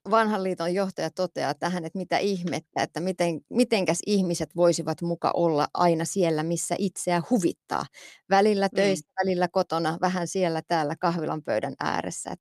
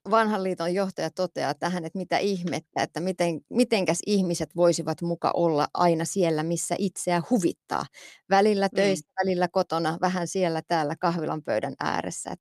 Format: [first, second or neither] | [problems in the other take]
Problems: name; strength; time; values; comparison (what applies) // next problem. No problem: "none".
neither | none